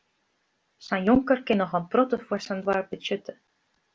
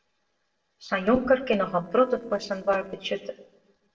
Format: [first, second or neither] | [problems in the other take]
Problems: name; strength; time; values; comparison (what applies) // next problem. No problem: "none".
first | noise reduction (neural separator model SepFormer DNS4)